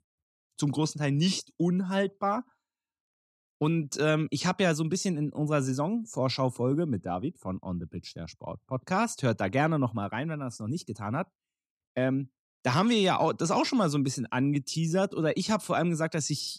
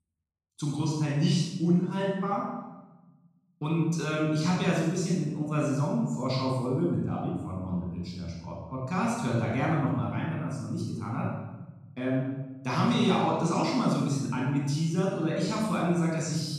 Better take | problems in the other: first | room echo; strong; dies away in 1.2 s // off-mic speech; far

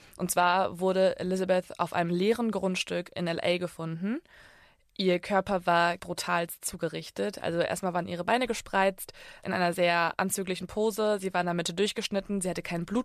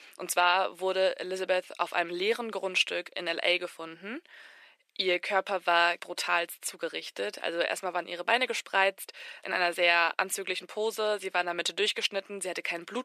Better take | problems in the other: first | thin; very; fading below 300 Hz

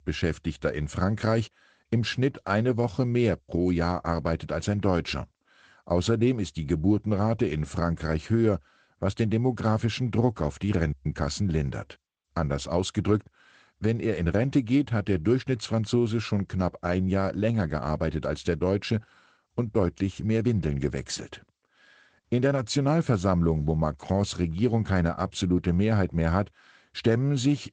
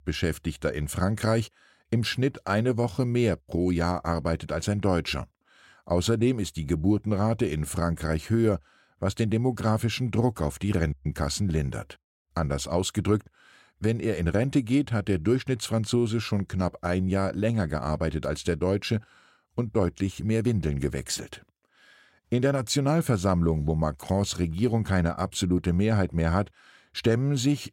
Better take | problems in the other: second | garbled, watery; slightly; nothing above 8 kHz

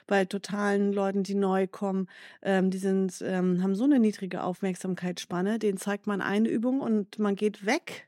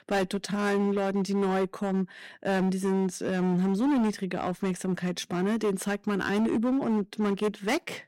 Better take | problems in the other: first | distortion; slight; 16% of the sound clipped

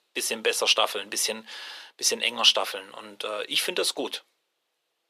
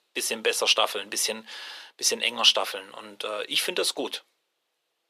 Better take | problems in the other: neither | thin; very; fading below 450 Hz; the same in both

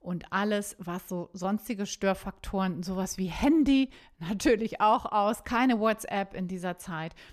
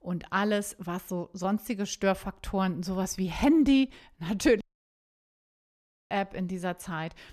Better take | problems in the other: first | audio cutting out; at 4.5 s for 1.5 s

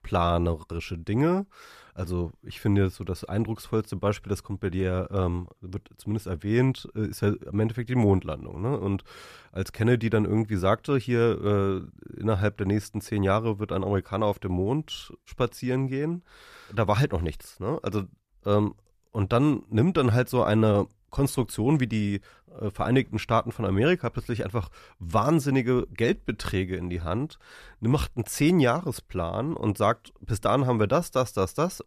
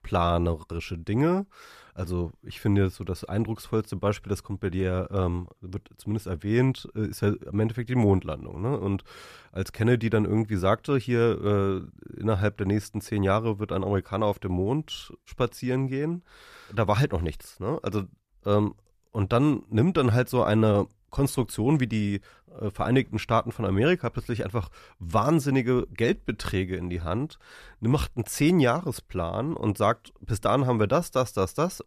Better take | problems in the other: neither | none

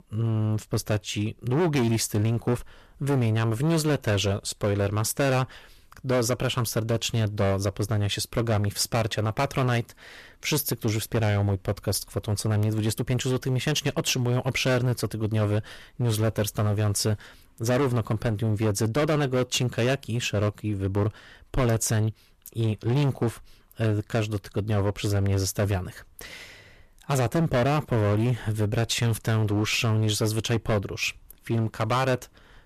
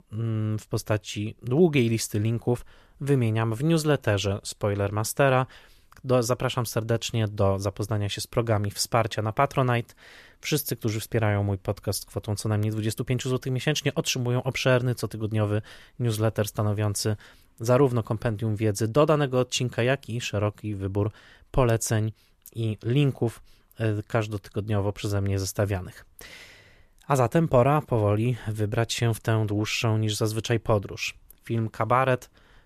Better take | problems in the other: second | distortion; heavy; 13% of the sound clipped

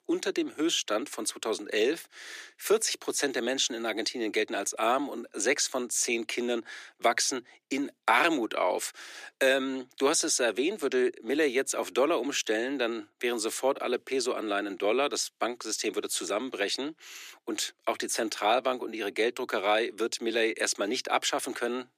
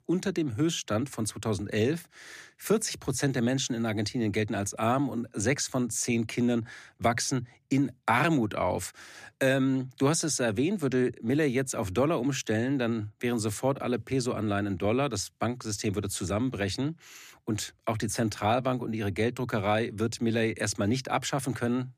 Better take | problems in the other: second | thin; somewhat; fading below 350 Hz

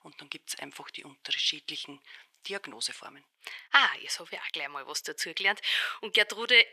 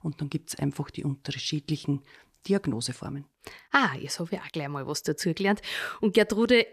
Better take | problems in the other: second | thin; very; fading below 750 Hz

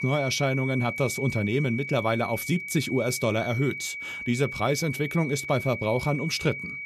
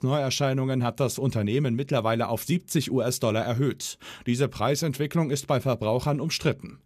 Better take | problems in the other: second | high-pitched whine; loud; throughout; 2.5 kHz, 6 dB below the speech

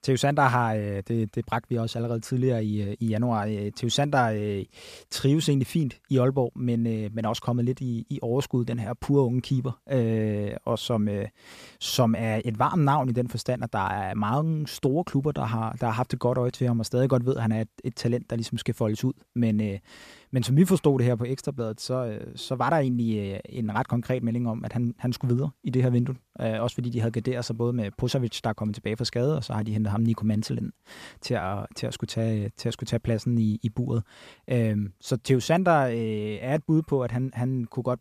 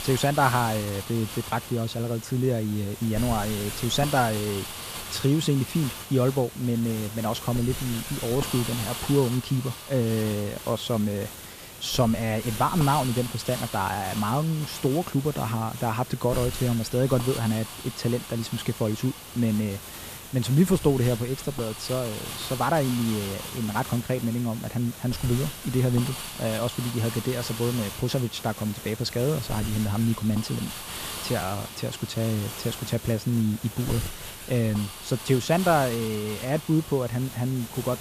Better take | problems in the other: first | hiss; loud; throughout; 9 dB below the speech

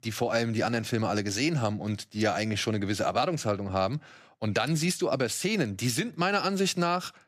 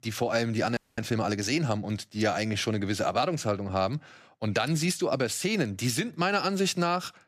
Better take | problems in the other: first | audio freezing; at 1 s

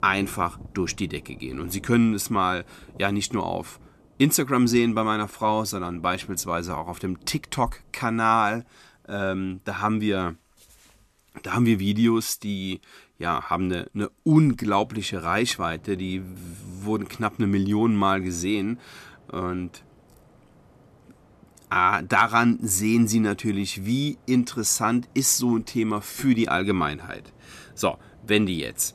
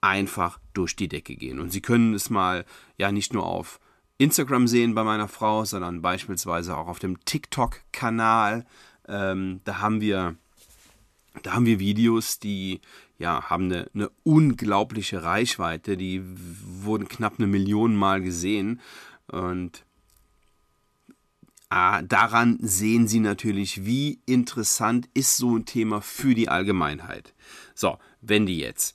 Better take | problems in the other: second | rain or running water; faint; throughout; 30 dB below the speech

